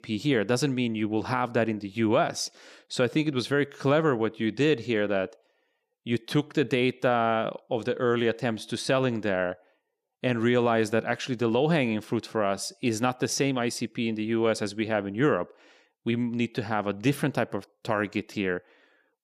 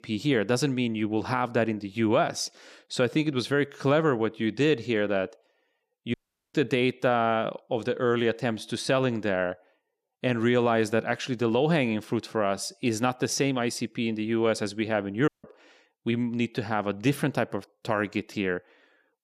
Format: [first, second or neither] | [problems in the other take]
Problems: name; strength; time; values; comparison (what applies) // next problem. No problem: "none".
first | audio cutting out; at 6 s and at 15 s